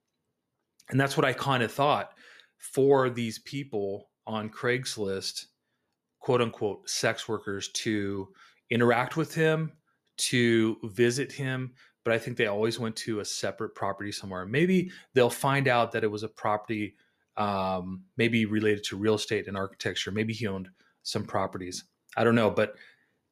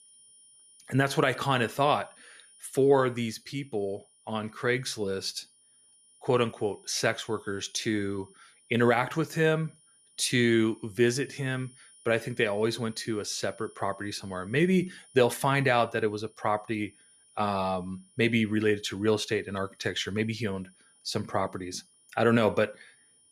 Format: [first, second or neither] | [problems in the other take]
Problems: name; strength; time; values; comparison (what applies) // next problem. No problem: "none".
first | high-pitched whine; faint; throughout; 9.5 kHz, 30 dB below the speech